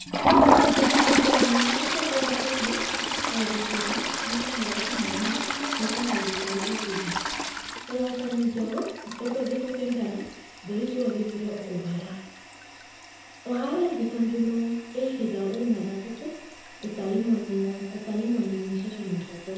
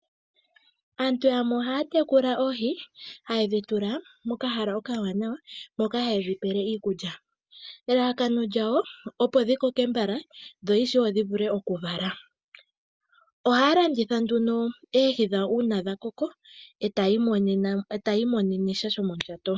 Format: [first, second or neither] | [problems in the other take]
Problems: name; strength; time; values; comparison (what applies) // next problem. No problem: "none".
second | background sound (Toilet flush); 2 dB above the speech // room echo; dies away in 0.9 s